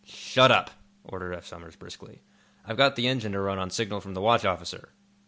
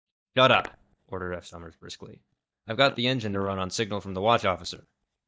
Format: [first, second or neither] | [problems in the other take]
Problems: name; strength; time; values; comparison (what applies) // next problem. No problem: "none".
first | noise reduction (neural mask model DeepFilterNet 3)